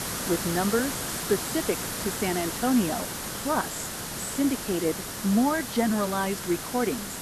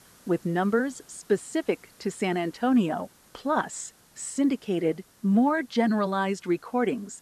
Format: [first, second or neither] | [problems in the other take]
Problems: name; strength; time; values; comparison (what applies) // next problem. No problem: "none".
second | hiss; loud; throughout; 4 dB below the speech; faint in the second